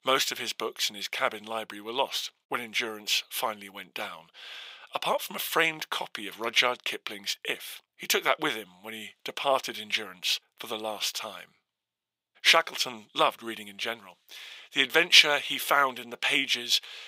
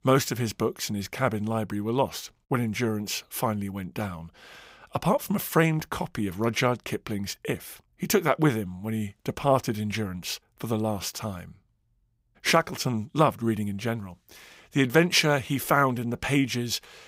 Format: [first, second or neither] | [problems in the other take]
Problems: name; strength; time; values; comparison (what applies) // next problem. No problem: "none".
second | thin; very; fading below 500 Hz